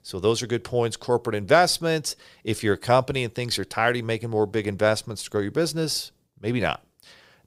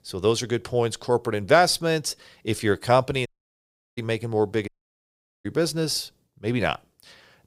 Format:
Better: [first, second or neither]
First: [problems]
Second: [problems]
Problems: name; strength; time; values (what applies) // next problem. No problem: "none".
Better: first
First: none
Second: audio cutting out; at 3.5 s for 0.5 s and at 4.5 s for 1 s